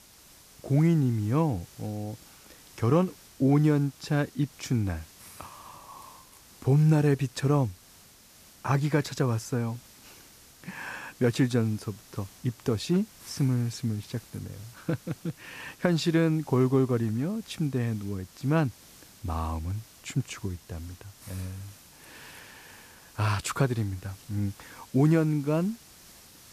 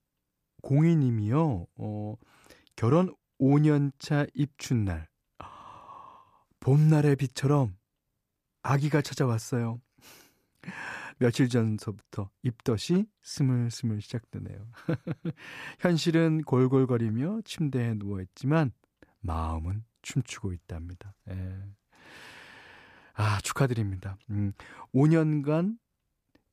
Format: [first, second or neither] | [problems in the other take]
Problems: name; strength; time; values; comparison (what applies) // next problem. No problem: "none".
second | hiss; faint; throughout; 20 dB below the speech